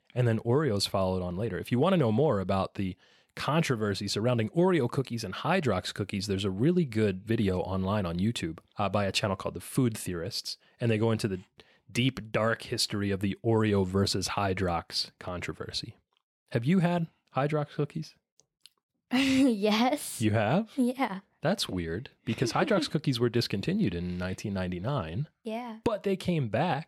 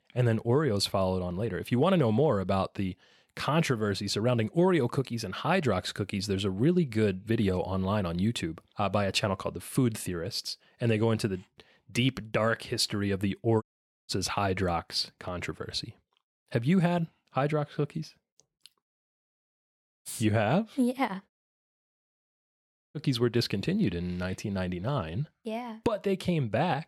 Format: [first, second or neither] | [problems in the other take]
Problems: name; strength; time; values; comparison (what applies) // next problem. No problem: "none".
first | audio cutting out; at 14 s, at 19 s for 1 s and at 21 s for 1.5 s